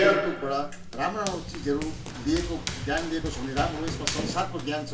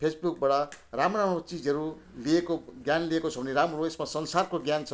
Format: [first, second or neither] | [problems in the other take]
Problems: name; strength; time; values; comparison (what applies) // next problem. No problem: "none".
second | background sound (Run); 1 dB below the speech // room echo; dies away in 0.2 s